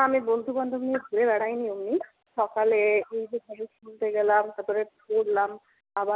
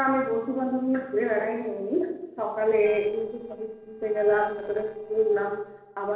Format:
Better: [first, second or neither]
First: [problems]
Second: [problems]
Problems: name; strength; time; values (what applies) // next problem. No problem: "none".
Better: first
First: none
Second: noise reduction (neural separator model SepFormer DNS4)